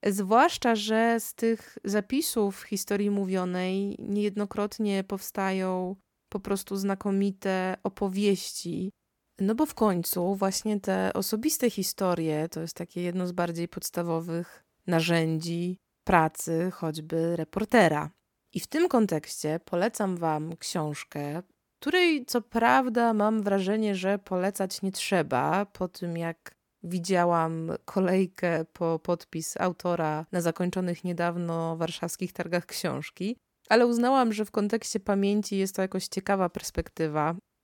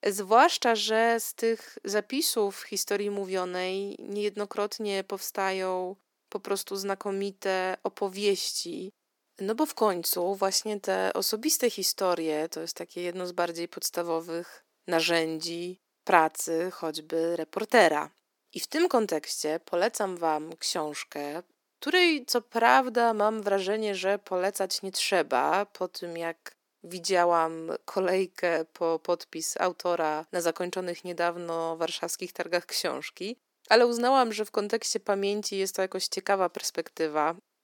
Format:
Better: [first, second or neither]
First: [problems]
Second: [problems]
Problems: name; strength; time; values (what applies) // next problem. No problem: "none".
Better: first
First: none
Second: thin; somewhat; fading below 300 Hz